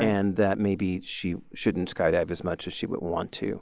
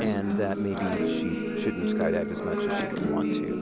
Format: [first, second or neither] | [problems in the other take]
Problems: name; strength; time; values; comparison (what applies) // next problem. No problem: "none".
first | background sound (Acoustic guitar); 3 dB above the speech